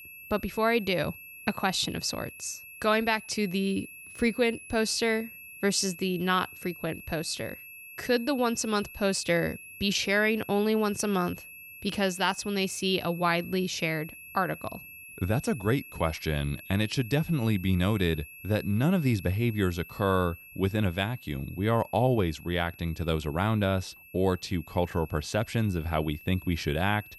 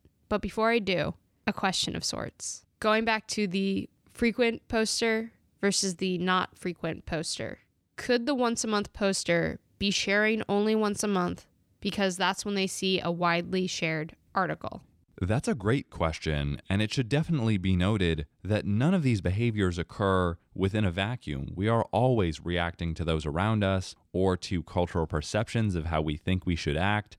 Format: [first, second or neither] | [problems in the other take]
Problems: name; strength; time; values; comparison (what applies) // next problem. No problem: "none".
second | high-pitched whine; noticeable; throughout; 2.5 kHz, 15 dB below the speech